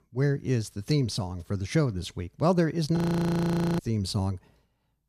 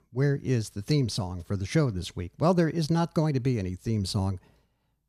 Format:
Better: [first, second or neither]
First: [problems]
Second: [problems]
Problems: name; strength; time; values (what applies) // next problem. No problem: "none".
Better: second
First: audio freezing; at 3 s for 1 s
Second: none